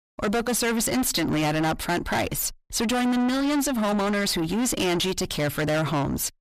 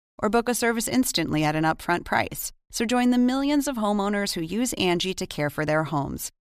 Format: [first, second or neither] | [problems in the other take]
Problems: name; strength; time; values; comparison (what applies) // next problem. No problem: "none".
second | distortion; heavy; 6 dB below the speech